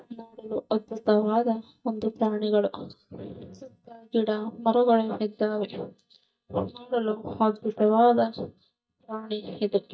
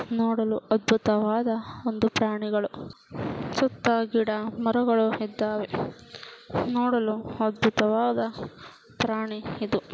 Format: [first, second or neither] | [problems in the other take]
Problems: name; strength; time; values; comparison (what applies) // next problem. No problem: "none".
second | noise reduction (neural mask model DeepFilterNet 3)